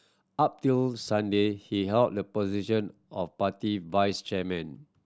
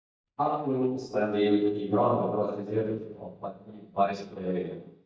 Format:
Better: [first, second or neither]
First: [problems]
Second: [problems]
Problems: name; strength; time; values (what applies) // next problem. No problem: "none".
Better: first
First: none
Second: noise reduction (neural mask model DeepFilterNet 3)